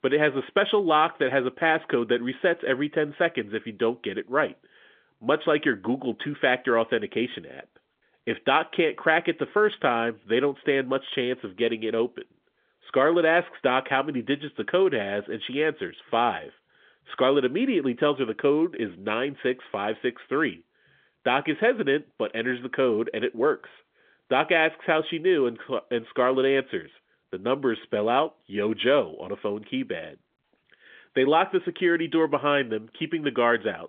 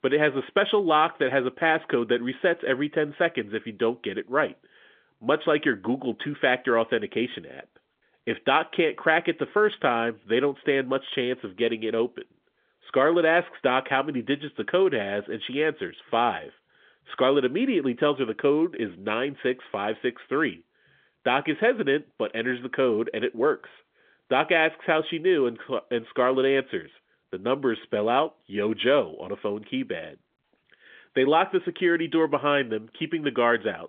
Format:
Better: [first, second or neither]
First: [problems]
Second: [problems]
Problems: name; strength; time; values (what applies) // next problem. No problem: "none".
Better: neither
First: phone-call audio; nothing above 3.5 kHz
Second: phone-call audio; nothing above 3.5 kHz